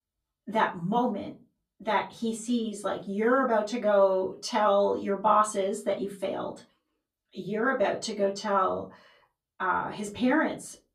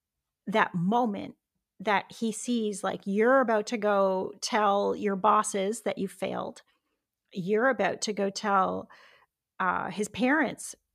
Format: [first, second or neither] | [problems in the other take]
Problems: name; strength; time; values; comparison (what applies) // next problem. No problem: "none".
second | off-mic speech; far // room echo; very slight; dies away in 0.2 s